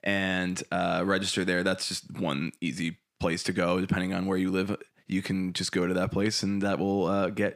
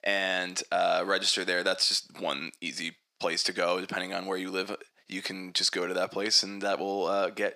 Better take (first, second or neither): first